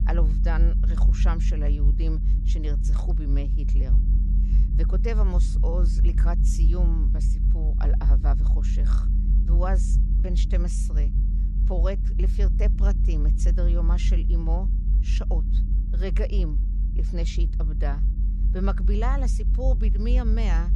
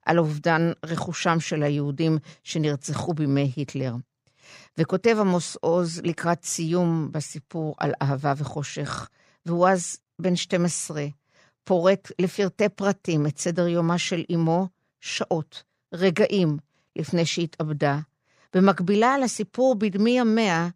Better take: second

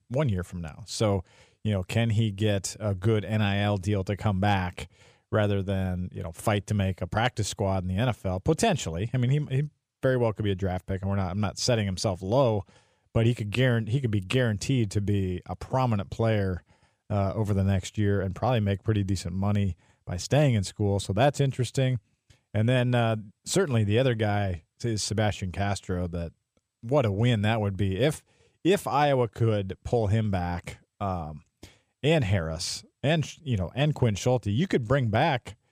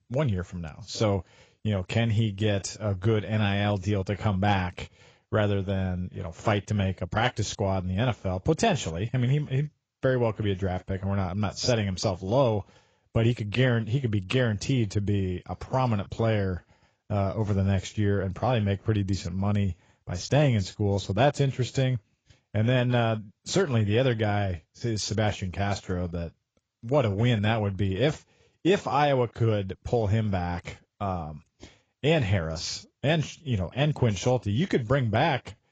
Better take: first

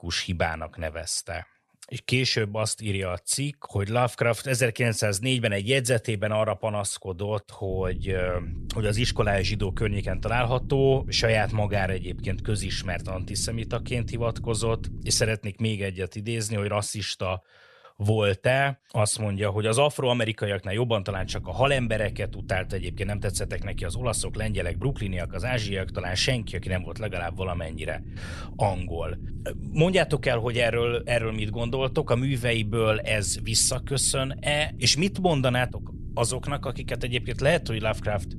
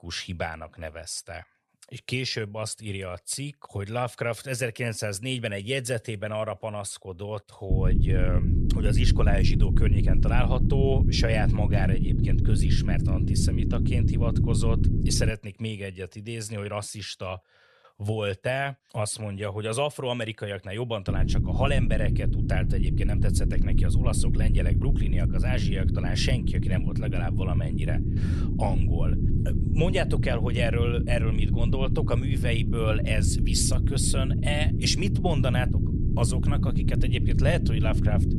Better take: first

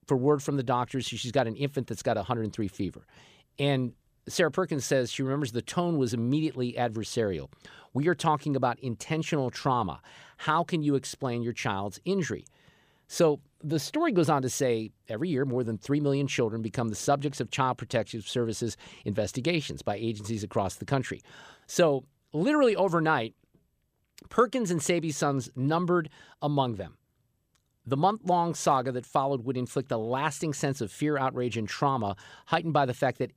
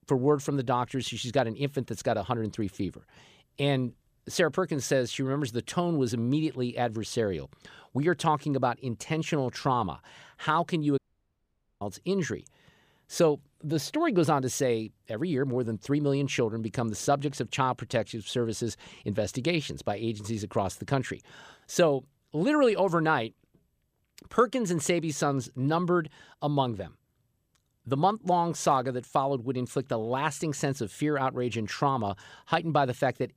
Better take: first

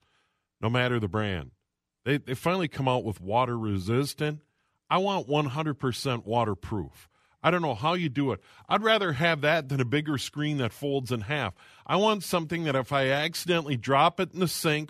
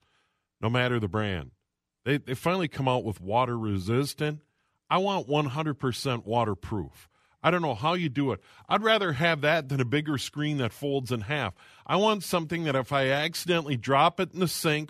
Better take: neither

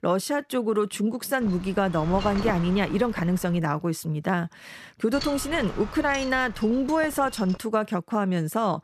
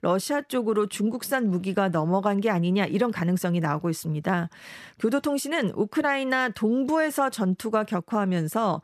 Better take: second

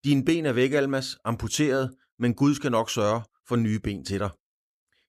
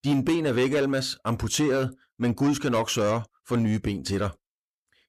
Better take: first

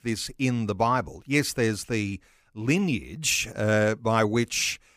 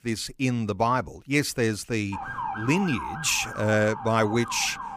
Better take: first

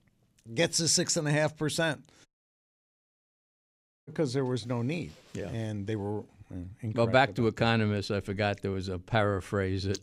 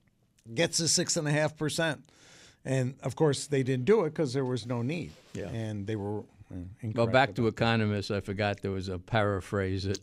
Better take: second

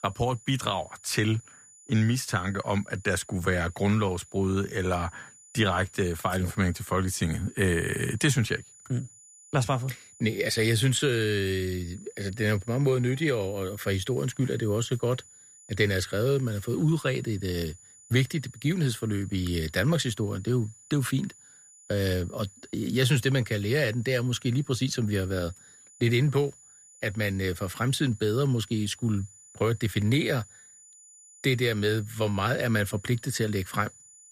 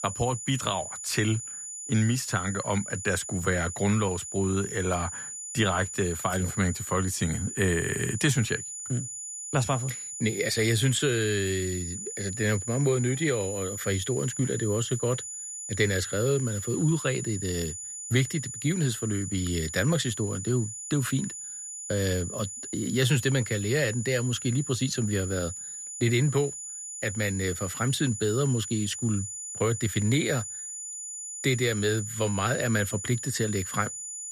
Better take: first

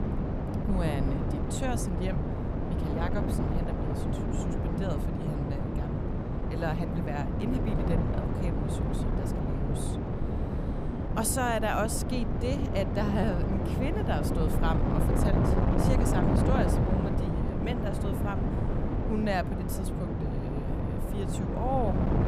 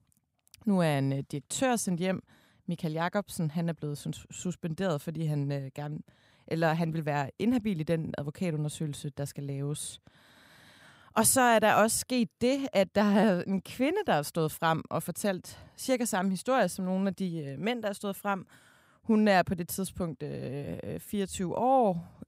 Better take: second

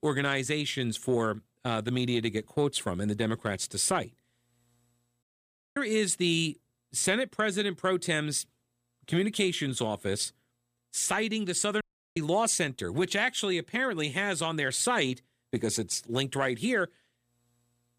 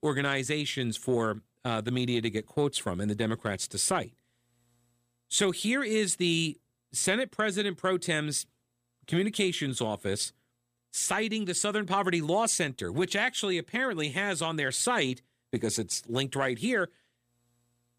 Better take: second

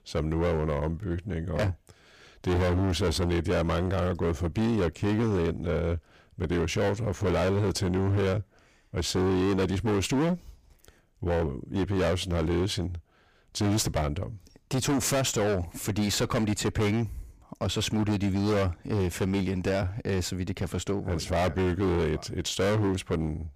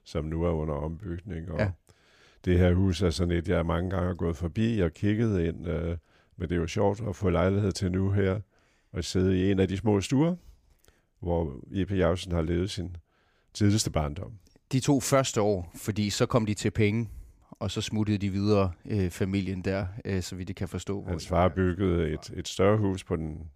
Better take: second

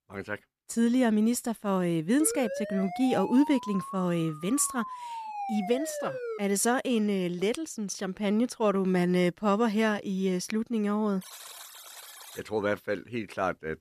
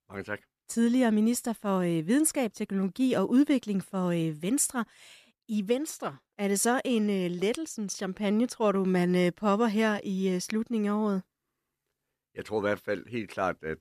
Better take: second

